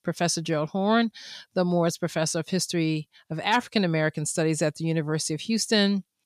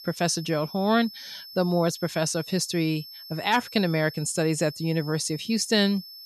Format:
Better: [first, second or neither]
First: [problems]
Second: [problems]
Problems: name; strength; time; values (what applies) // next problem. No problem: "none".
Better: first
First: none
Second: high-pitched whine; noticeable; throughout; 5.5 kHz, 15 dB below the speech